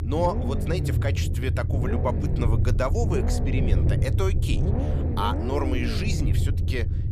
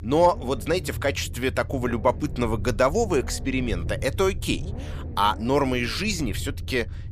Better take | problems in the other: second | low rumble; loud; throughout; 5 dB below the speech; faint in the second

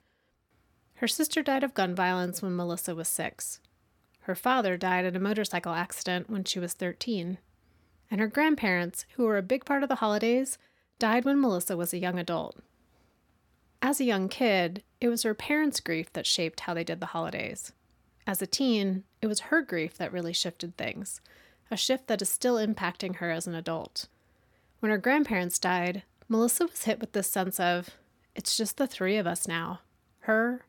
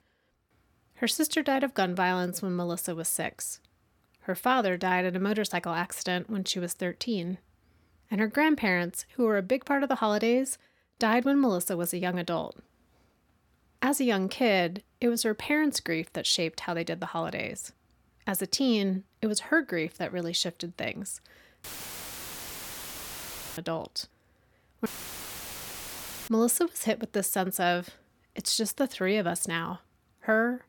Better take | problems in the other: first | audio cutting out; filled with static; at 22 s for 2 s and at 25 s for 1.5 s

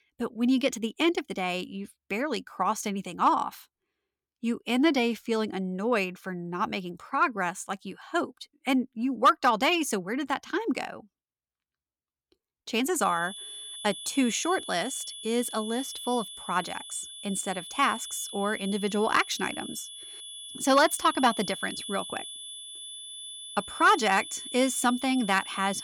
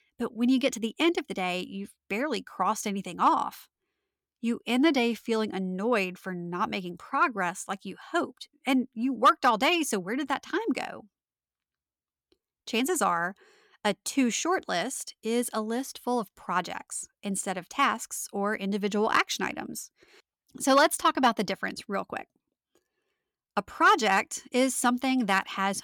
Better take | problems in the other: second | high-pitched whine; noticeable; from 13 s on; 3.5 kHz, 10 dB below the speech

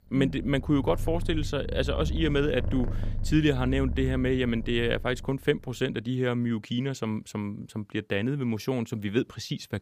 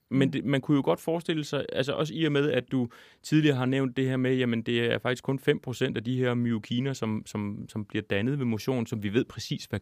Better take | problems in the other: second | animal sounds; loud; throughout; 7 dB below the speech

